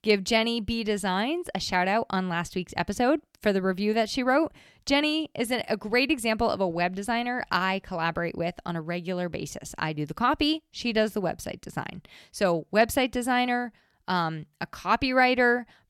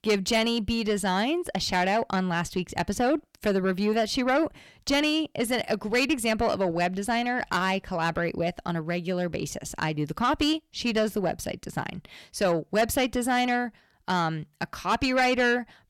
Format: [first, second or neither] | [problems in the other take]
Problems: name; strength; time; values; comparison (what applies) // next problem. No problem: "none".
first | distortion; slight; 10 dB below the speech